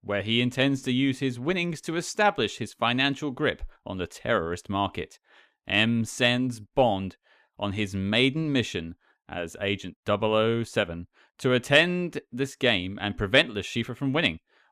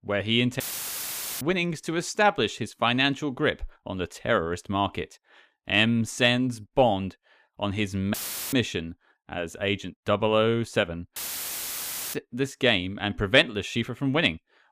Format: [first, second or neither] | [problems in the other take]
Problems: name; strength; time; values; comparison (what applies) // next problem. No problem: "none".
first | audio cutting out; filled with static; at 0.5 s for 1 s, at 8 s and at 11 s for 1 s